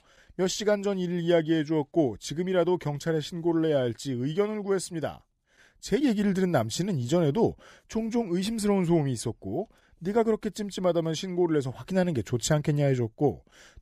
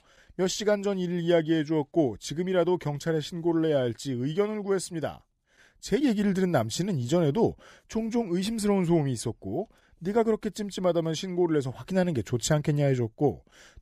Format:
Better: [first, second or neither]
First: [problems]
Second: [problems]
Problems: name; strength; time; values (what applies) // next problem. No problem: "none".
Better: neither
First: none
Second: none